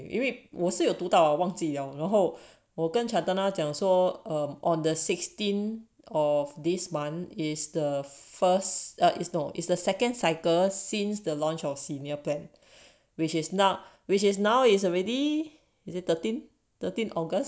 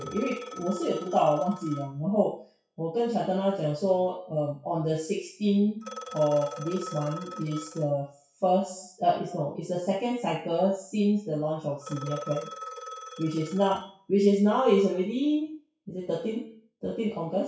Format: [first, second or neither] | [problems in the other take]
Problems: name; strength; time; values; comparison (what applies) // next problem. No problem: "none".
first | noise reduction (classical method WPE with log-MMSE)